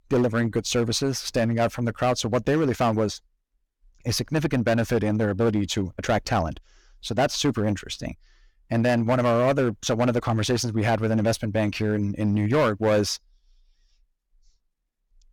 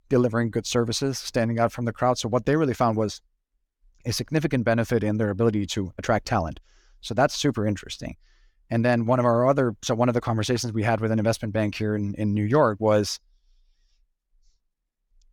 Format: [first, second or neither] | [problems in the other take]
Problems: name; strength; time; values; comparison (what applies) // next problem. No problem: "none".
second | distortion; slight; 7% of the sound clipped